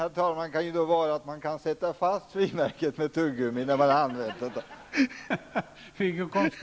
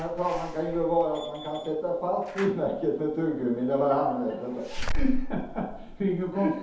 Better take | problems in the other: first | background sound (Slam / Alarm); 5 dB below the speech // room echo; dies away in 0.8 s

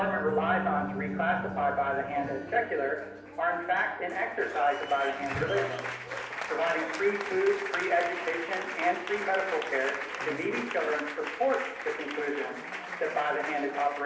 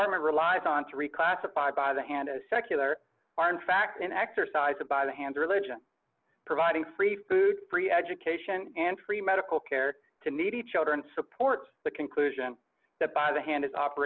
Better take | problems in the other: second | background sound (Applause); 7 dB below the speech // room echo; dies away in 0.8 s

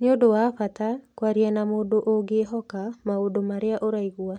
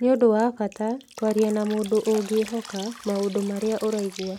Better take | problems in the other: first | background sound (Drip); 19 dB below the speech

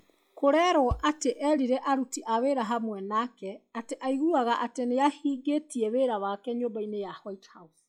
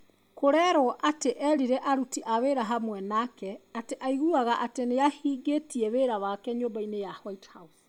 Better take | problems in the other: second | noise reduction (classical method log-MMSE)

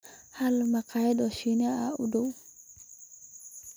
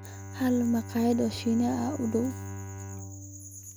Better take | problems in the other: first | background sound (Bowed string instrument); 10 dB below the speech

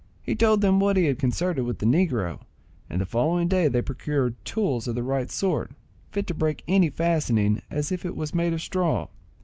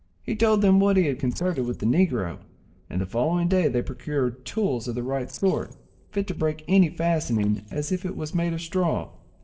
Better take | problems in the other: first | noise reduction (neural separator model SepFormer DNS4)

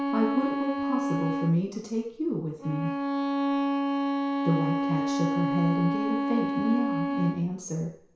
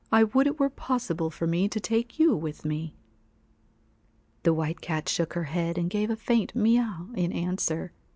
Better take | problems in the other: second | background sound (Bowed string instrument); 1 dB above the speech // room echo; dies away in 0.6 s

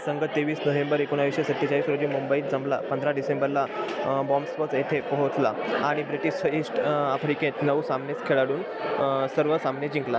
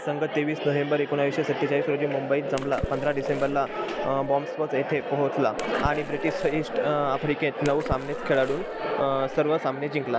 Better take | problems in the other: first | background sound (Water / Splash, splatter); 12 dB below the speech

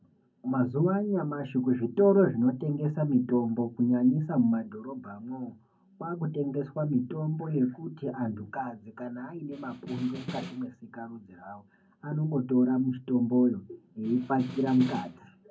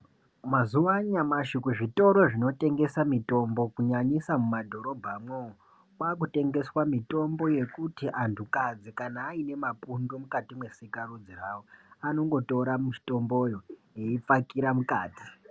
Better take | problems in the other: second | background sound (Snare drum); 13 dB below the speech // room echo; dies away in 0.3 s

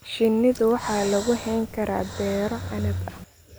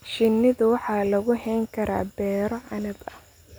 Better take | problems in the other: second | background sound (Breathing); 9 dB below the speech

